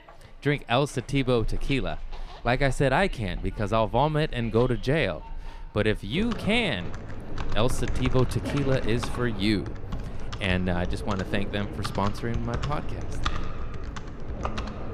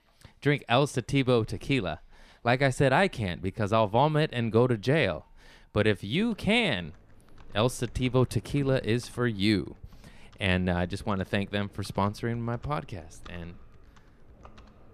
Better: second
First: household noises; loud; throughout; 10 dB below the speech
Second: household noises; faint; throughout; 30 dB below the speech

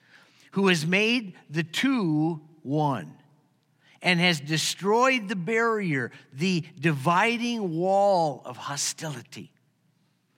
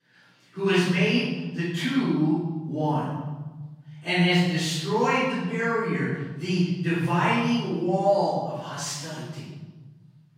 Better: first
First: none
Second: off-mic speech; far // room echo; strong; dies away in 1.4 s

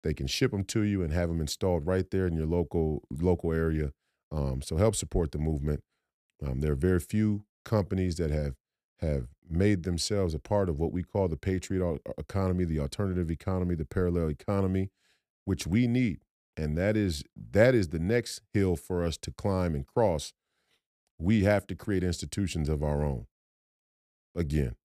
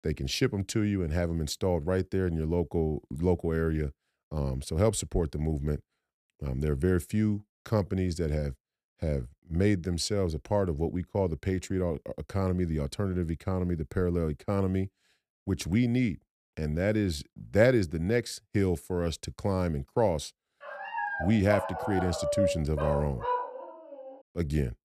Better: first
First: none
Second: dog barking; loud; from 21 to 24 s; peak 1 dB above the speech

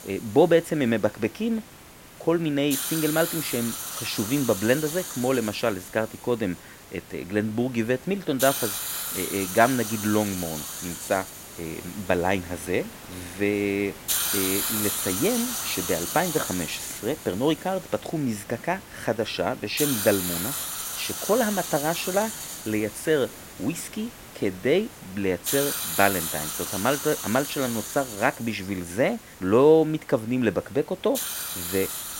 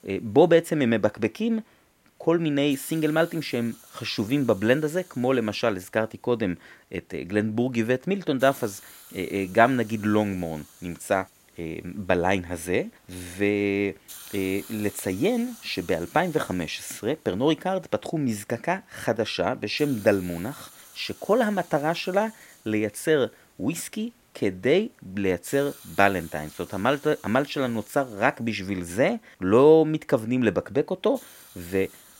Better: second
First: hiss; loud; throughout; 4 dB below the speech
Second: hiss; faint; throughout; 20 dB below the speech

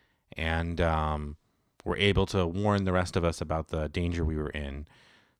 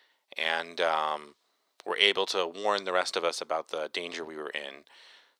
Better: first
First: none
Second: thin; very; fading below 450 Hz

